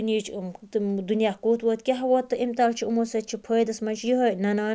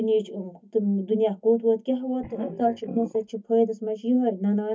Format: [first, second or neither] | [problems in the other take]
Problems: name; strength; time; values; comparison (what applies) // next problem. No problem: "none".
first | noise reduction (neural mask model DeepFilterNet 3)